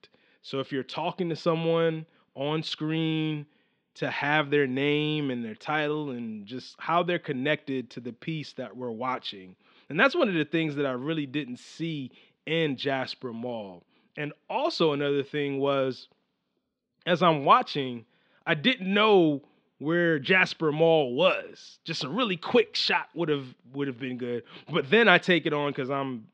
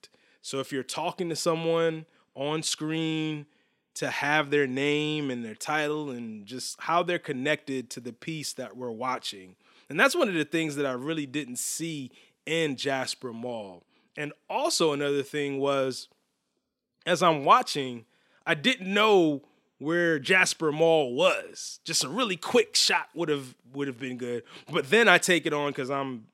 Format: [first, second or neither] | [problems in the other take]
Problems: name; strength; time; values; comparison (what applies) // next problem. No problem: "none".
second | muffled; very slightly; fading above 4 kHz